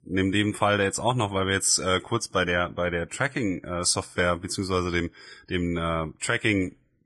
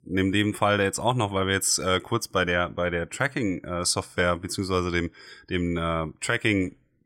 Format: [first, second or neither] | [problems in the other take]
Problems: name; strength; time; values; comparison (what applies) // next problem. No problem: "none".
second | garbled, watery; badly